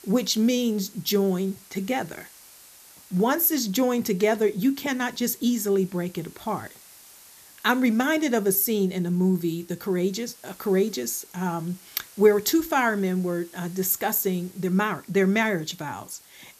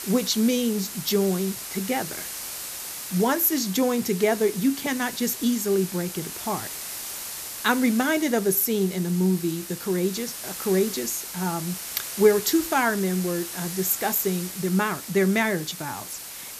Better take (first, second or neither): first